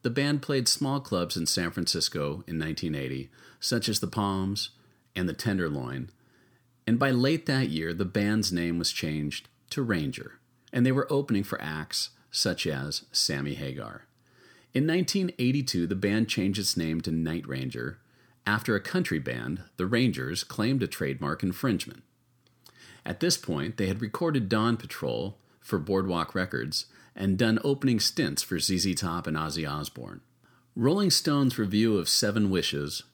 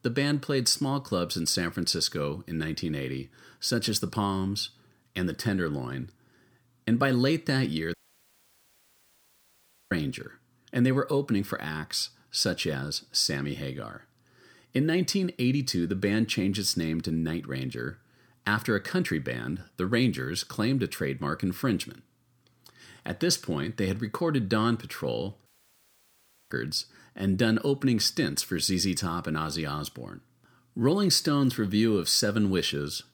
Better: first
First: none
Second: audio cutting out; at 8 s for 2 s and at 25 s for 1 s

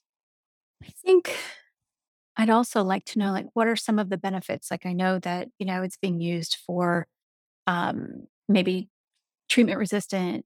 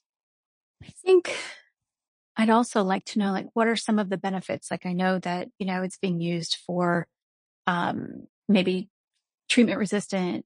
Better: first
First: none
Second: garbled, watery; slightly

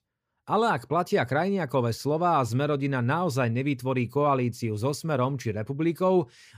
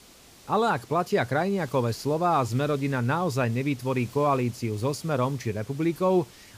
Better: first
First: none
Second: hiss; faint; throughout; 20 dB below the speech

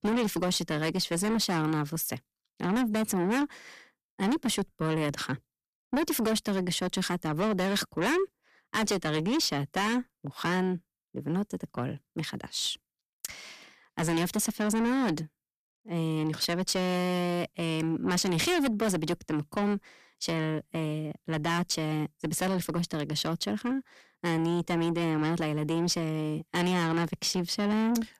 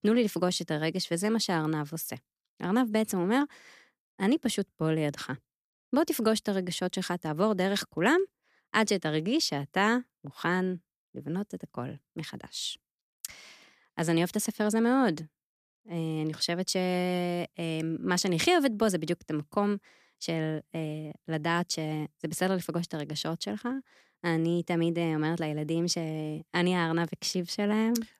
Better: second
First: distortion; heavy; 7 dB below the speech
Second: none

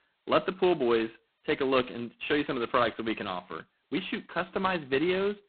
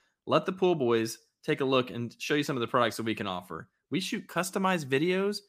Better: second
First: phone-call audio; poor line; nothing above 4 kHz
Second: none

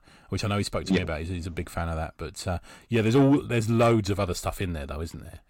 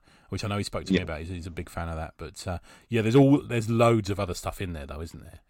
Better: second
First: distortion; slight; 10 dB below the speech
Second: none

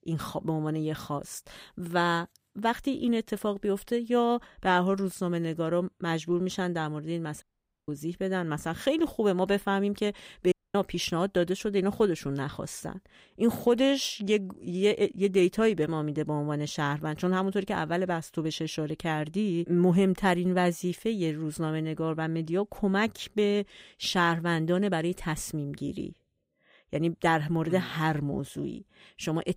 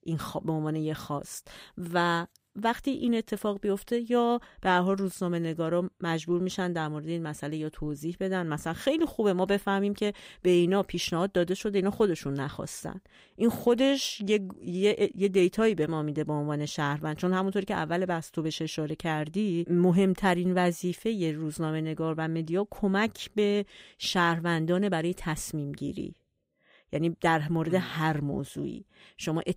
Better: second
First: audio cutting out; at 7.5 s and at 11 s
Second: none

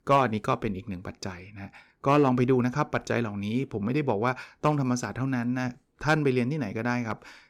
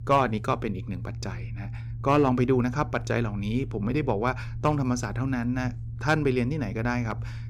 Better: first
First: none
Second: low rumble; faint; throughout; 20 dB below the speech

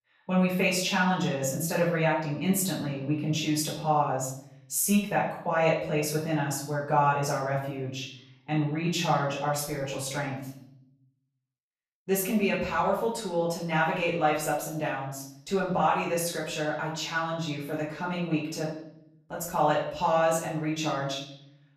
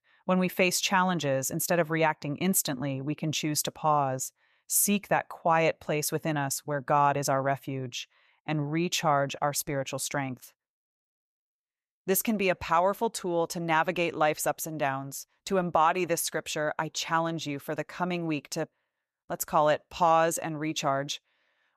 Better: second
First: off-mic speech; far // room echo; noticeable; dies away in 0.7 s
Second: none

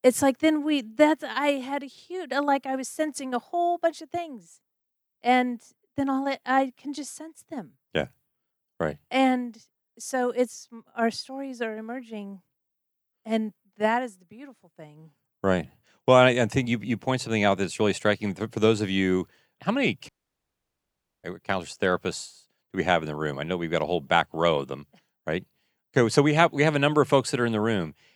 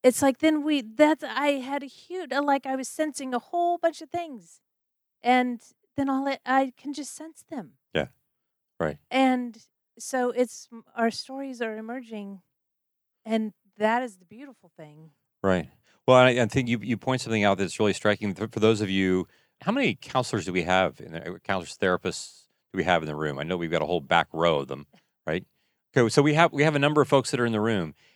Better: second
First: audio cutting out; at 20 s for 1 s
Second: none

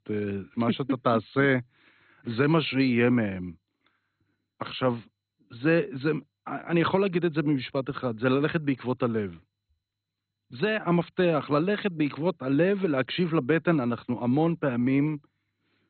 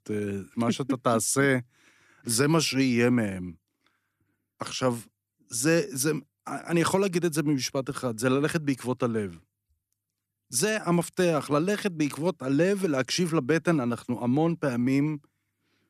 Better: second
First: garbled, watery; badly; nothing above 4 kHz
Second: none

